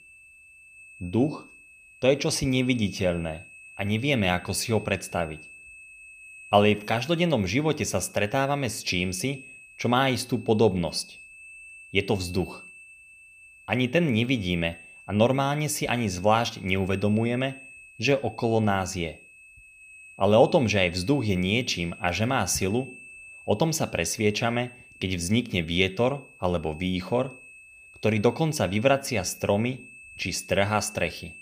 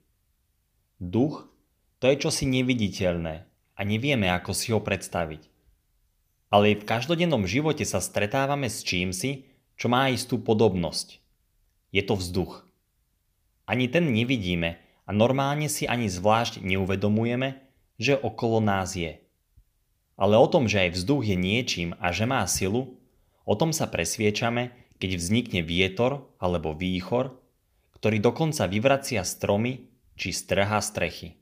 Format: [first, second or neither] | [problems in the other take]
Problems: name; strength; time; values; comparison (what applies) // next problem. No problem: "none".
second | high-pitched whine; noticeable; throughout; 2.5 kHz, 20 dB below the speech